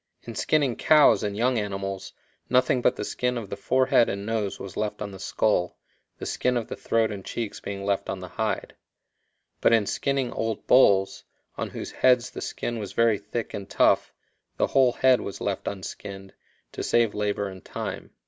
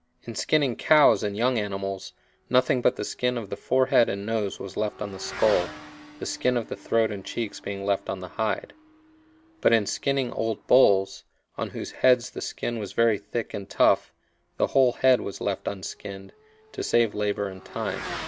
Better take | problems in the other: first | background sound (Motorcycle / Accelerating, revving, vroom); 20 dB below the speech

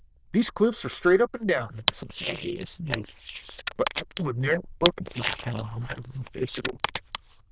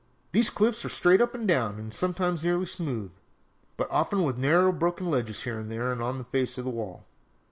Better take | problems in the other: second | noise reduction (neural diffusion model UNIVERSE++)

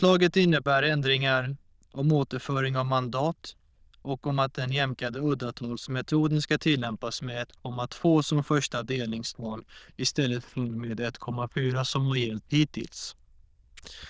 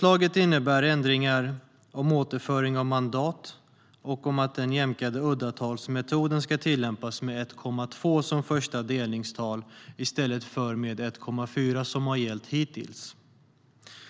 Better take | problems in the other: second | noise reduction (neural diffusion model UNIVERSE++)

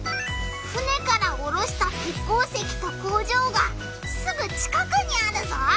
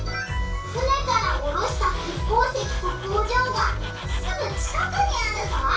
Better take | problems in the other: first | background sound (Tools); 17 dB below the speech // room echo; dies away in 0.2 s

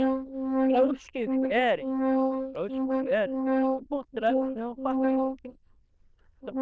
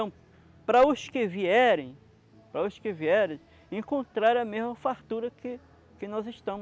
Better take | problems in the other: second | noise reduction (neural diffusion model UNIVERSE++)

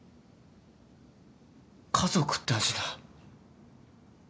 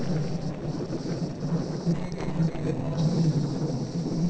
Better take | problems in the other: first | noise reduction (neural separator model SepFormer DNS4)

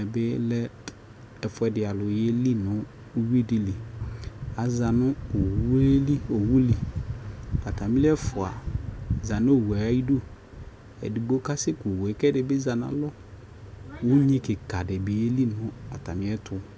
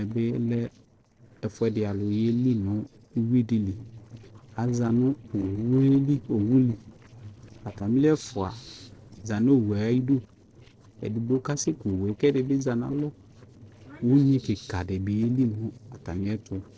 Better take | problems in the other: first | noise reduction (neural separator model SepFormer DNS4)

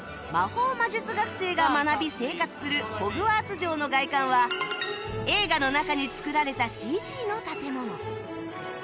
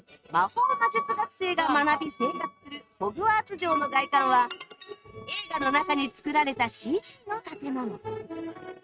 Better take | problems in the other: first | noise reduction (neural mask model RNNoise)

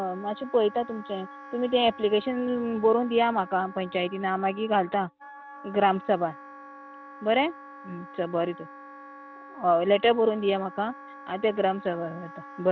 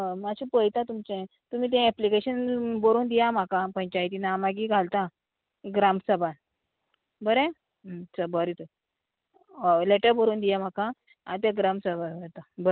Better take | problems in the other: second | background sound (Wind instrument, woodwind instrument); 17 dB below the speech

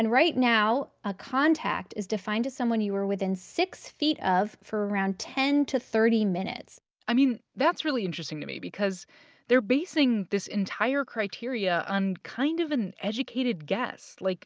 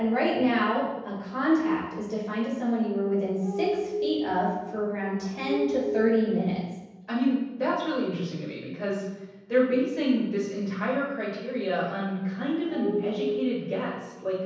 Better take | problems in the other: first | background sound (Glass); 6 dB below the speech // room echo; dies away in 1.1 s

